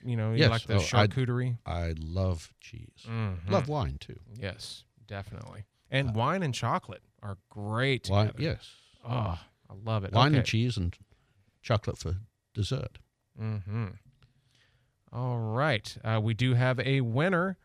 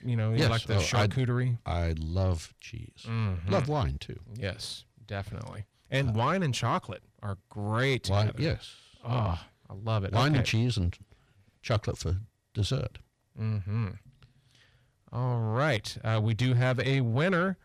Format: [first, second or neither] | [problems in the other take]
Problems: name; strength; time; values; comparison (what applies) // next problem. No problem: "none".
first | distortion; slight; 9 dB below the speech